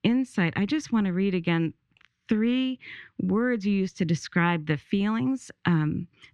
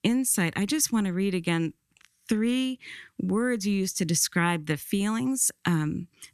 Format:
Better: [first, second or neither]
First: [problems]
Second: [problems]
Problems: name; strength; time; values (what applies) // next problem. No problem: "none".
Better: second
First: muffled; very; fading above 3.5 kHz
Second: none